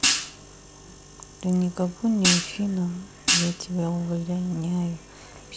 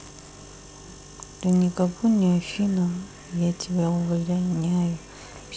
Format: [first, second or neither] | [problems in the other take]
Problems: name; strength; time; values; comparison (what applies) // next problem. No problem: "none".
second | background sound (Hi-hat); 1 dB above the speech